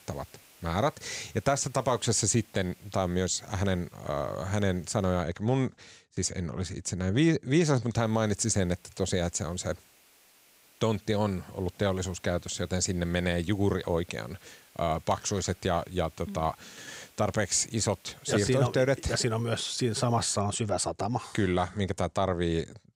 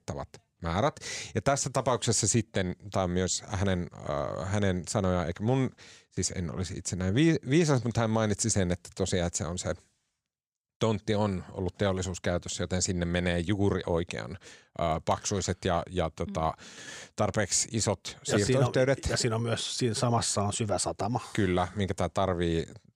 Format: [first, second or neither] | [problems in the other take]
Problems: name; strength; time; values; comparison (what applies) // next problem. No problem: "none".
second | hiss; faint; until 5 s and from 8 to 20 s; 25 dB below the speech